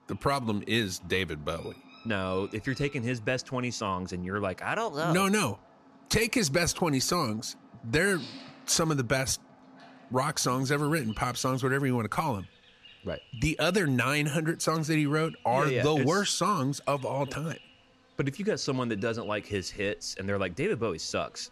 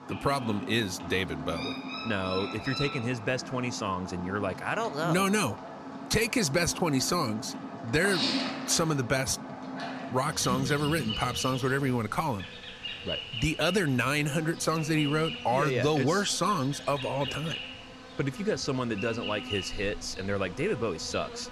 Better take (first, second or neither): first